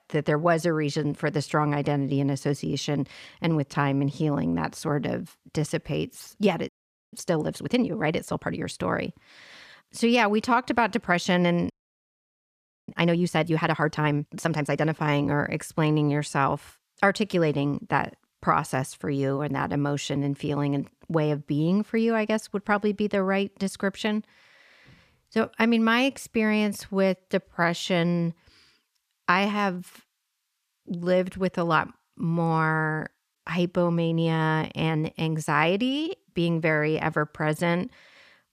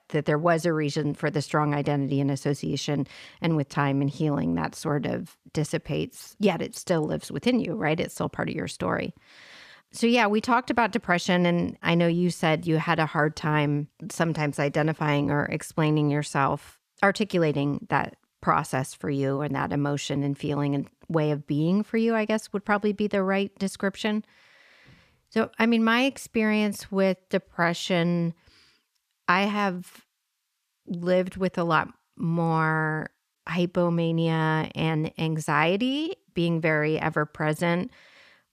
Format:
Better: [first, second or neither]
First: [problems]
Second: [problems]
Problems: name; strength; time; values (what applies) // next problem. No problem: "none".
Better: second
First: audio freezing; at 6.5 s and at 12 s for 1 s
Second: none